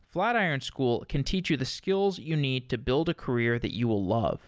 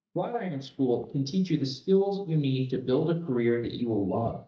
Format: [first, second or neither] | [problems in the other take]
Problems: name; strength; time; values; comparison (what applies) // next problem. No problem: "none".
first | noise reduction (neural mask model DeepFilterNet 3)